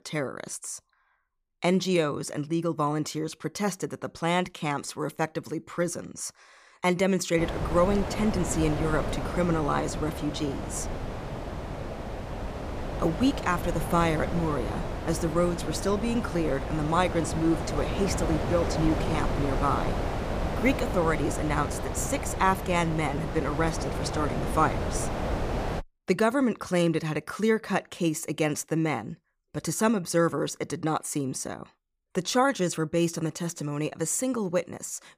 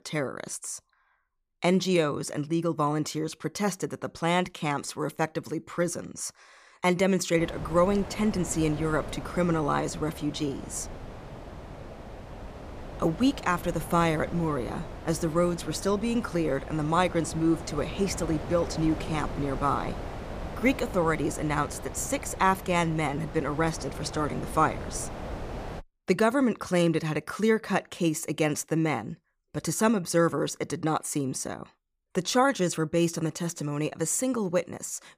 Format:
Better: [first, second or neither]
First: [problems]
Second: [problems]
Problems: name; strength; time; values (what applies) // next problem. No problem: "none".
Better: second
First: wind noise on the microphone; heavy; from 7.5 to 26 s; 5 dB below the speech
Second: wind noise on the microphone; occasional gusts; from 7.5 to 26 s; 15 dB below the speech